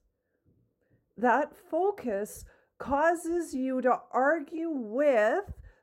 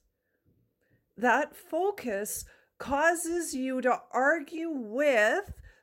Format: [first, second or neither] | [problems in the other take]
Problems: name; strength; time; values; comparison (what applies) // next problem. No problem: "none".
second | muffled; slightly; fading above 1.5 kHz